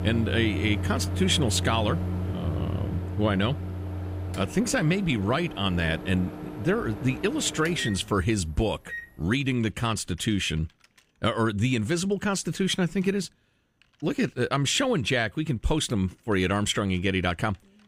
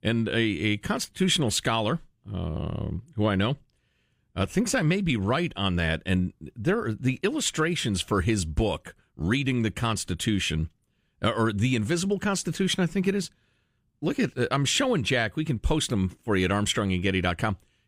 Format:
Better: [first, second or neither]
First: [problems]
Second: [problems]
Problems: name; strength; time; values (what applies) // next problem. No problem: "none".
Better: second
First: household noises; loud; throughout; 7 dB below the speech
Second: none